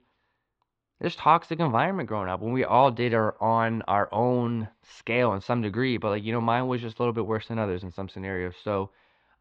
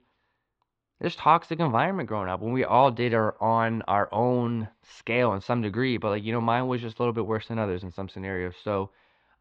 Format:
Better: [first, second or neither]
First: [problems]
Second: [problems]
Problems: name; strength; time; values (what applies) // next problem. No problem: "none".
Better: neither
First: muffled; slightly; fading above 3.5 kHz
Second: muffled; slightly; fading above 3.5 kHz